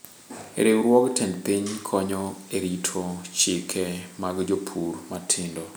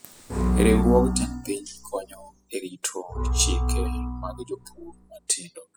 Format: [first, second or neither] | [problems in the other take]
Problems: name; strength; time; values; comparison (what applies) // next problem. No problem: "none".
first | noise reduction (classical method spectral subtraction)